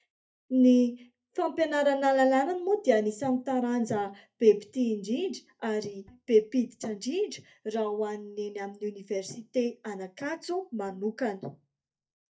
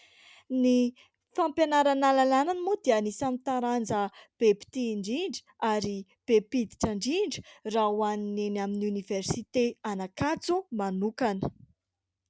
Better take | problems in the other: second | noise reduction (neural mask model DeepFilterNet 3)

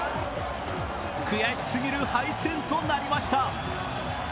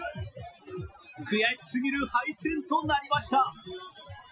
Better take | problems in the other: first | noise reduction (classical method Wiener filter)

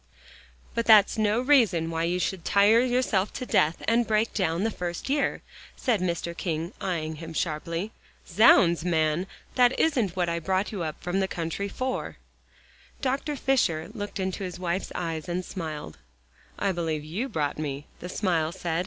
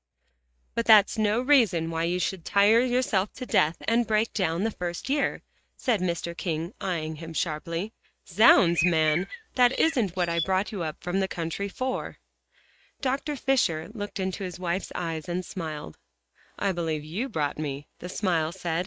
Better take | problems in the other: first | noise reduction (neural mask model RNNoise)

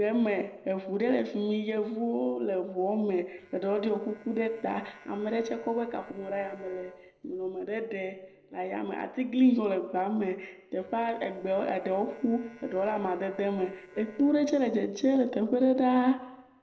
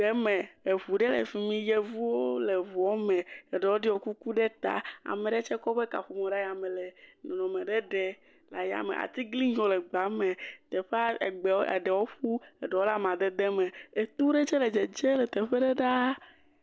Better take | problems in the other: second | noise reduction (neural separator model SepFormer DNS4)

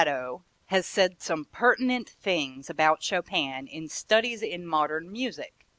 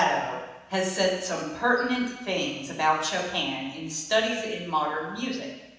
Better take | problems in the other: first | room echo; dies away in 1.1 s

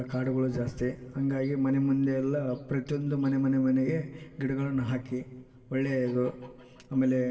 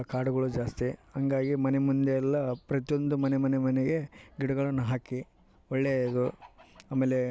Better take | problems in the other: second | room echo; dies away in 2 s

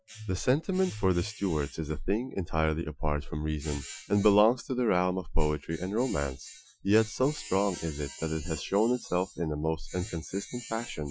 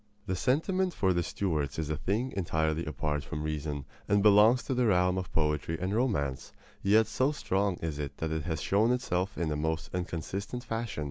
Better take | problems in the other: second | noise reduction (classical method Wiener filter)

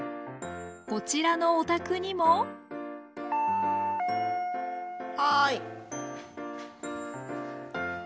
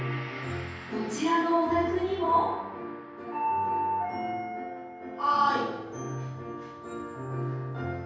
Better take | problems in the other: first | background sound (Gong); 19 dB below the speech // room echo; dies away in 1.3 s

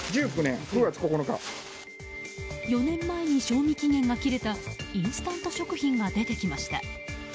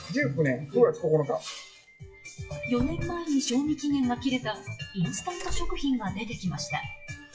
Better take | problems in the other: first | noise reduction (classical method WPE with log-MMSE)

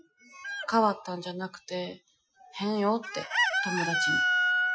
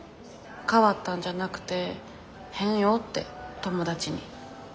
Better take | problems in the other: second | noise reduction (classical method Wiener filter)

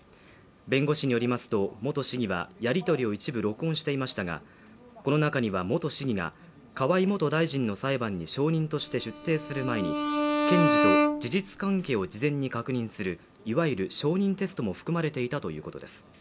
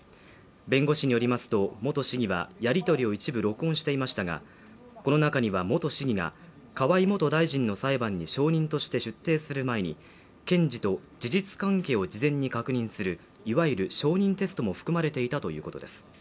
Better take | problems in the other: second | background sound (Bowed string instrument); 1 dB above the speech

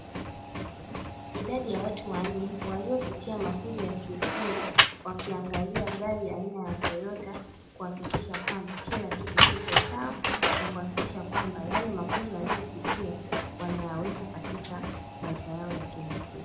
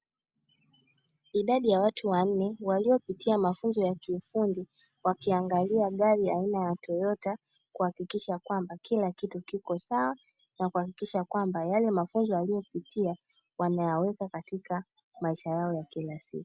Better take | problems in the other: second | background sound (Printer); 4 dB above the speech // room echo; dies away in 0.8 s

